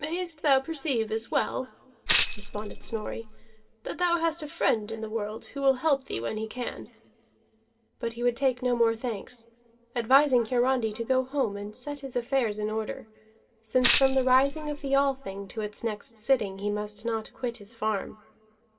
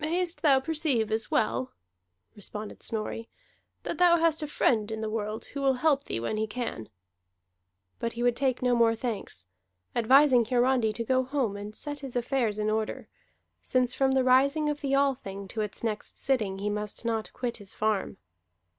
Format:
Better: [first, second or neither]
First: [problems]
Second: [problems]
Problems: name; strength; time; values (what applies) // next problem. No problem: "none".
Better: second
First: background sound (Tambourine); 2 dB below the speech // room echo; dies away in 0.1 s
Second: none